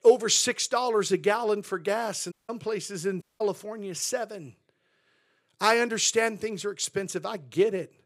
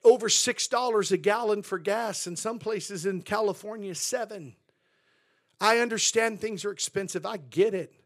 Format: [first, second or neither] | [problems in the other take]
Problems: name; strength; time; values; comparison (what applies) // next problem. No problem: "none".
second | audio cutting out; at 2.5 s and at 3 s